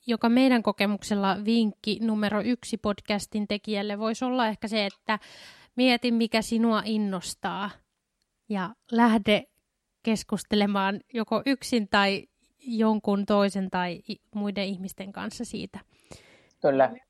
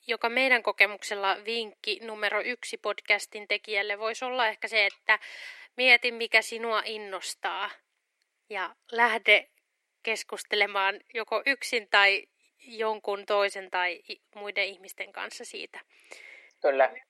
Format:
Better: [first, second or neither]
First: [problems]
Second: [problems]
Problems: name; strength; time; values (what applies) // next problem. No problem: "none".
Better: first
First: none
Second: thin; very; fading below 350 Hz